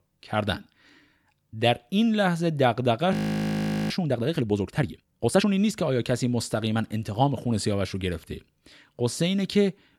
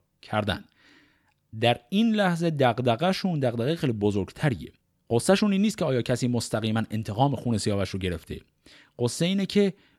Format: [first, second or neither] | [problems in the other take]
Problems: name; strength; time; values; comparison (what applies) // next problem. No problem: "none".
second | audio freezing; at 3 s for 1 s